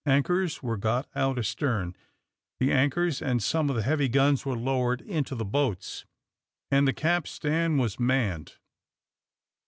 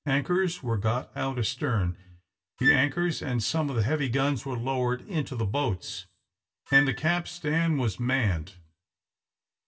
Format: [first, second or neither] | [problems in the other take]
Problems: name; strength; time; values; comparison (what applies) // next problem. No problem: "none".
first | background sound (Wind instrument, woodwind instrument); 4 dB below the speech // room echo; dies away in 0.2 s